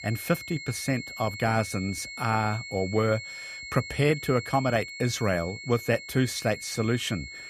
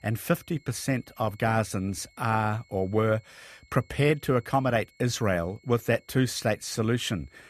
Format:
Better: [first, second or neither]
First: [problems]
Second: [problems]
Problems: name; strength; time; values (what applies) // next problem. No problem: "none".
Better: second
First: high-pitched whine; loud; throughout; 2 kHz, 10 dB below the speech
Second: high-pitched whine; faint; throughout; 2 kHz, 30 dB below the speech